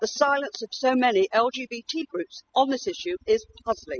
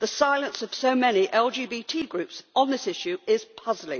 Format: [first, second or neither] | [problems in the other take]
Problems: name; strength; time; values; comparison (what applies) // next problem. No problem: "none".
second | noise reduction (classical method spectral subtraction)